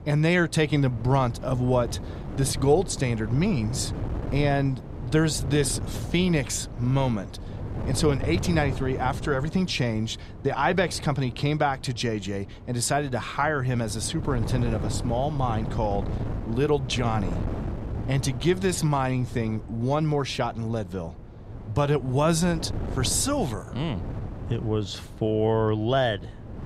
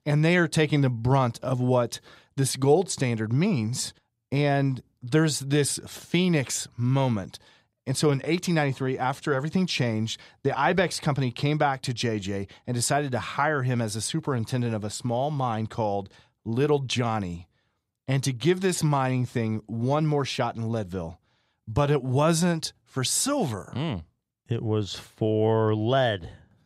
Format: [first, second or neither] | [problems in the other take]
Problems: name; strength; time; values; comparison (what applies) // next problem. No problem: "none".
second | wind noise on the microphone; occasional gusts; 15 dB below the speech